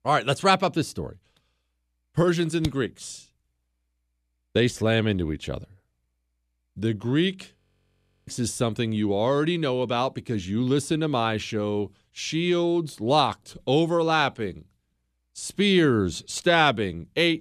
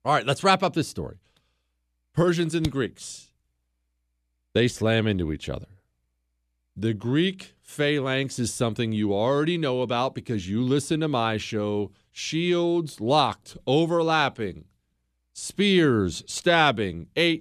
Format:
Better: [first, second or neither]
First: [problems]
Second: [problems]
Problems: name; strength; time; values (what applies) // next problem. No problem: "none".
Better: second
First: audio freezing; at 7.5 s for 0.5 s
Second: none